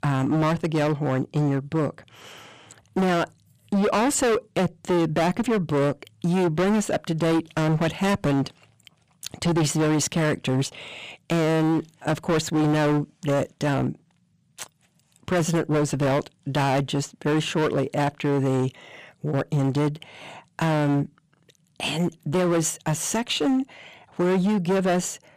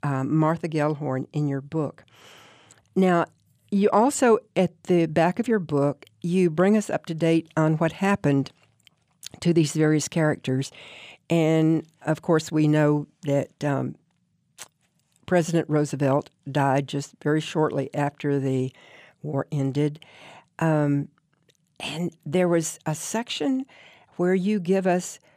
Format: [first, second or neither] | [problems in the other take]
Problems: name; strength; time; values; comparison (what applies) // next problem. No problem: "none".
second | distortion; heavy; 18% of the sound clipped